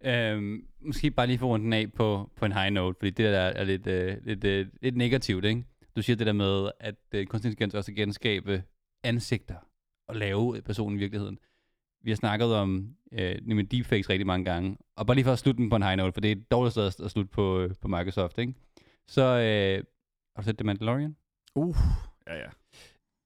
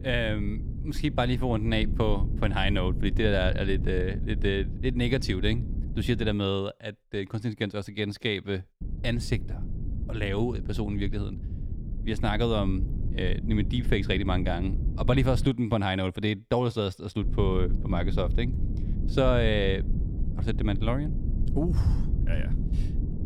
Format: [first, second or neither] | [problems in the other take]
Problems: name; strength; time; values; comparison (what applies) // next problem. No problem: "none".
first | low rumble; noticeable; until 6.5 s, from 9 to 15 s and from 17 s on; 15 dB below the speech